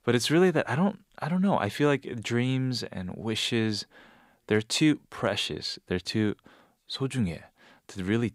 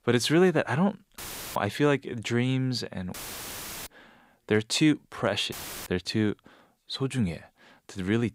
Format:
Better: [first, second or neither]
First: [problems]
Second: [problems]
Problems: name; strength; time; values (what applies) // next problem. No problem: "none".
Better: first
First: none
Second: audio cutting out; filled with static; at 1 s, at 3 s for 0.5 s and at 5.5 s